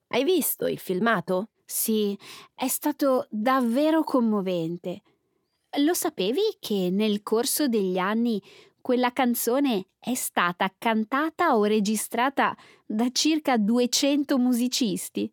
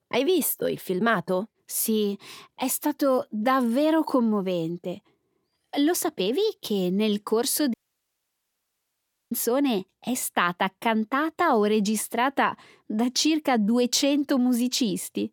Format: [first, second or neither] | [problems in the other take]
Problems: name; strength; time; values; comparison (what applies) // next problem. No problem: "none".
first | audio cutting out; at 7.5 s for 1.5 s